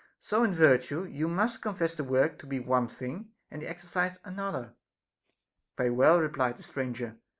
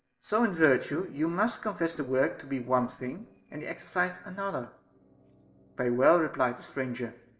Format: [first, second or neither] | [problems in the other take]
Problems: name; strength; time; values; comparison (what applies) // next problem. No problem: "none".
first | noise reduction (neural separator model SepFormer DNS4)